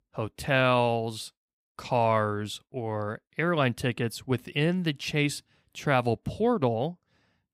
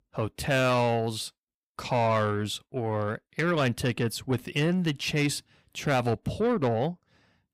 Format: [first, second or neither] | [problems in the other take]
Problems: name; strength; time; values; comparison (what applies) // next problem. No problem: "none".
first | distortion; slight; 10 dB below the speech